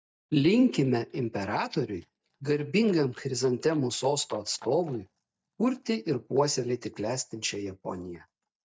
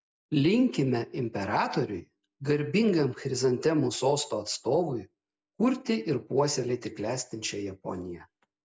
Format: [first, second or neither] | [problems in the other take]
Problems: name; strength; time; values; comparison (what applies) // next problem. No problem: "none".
second | noise reduction (neural mask model DeepFilterNet 3)